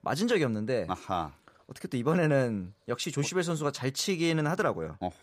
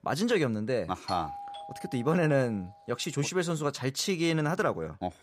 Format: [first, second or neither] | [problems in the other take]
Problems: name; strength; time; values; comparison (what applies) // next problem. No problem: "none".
first | doorbell; noticeable; from 1 to 2.5 s; peak 8 dB below the speech